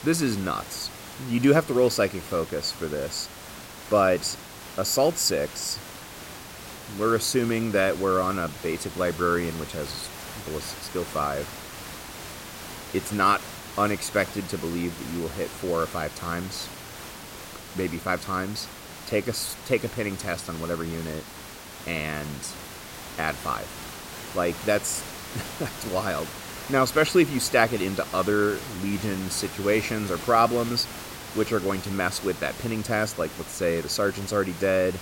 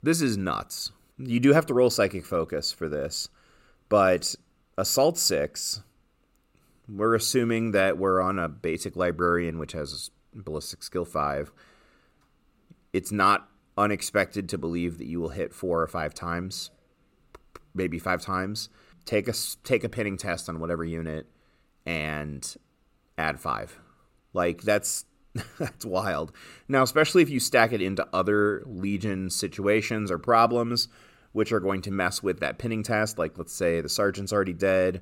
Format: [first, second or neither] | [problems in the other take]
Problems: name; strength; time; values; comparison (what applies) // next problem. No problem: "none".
second | hiss; noticeable; throughout; 10 dB below the speech